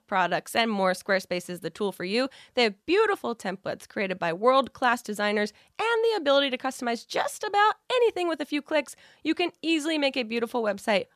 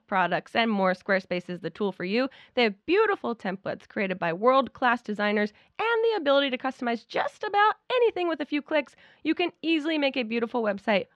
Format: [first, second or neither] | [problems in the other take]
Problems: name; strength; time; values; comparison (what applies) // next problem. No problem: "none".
first | muffled; very slightly; fading above 3 kHz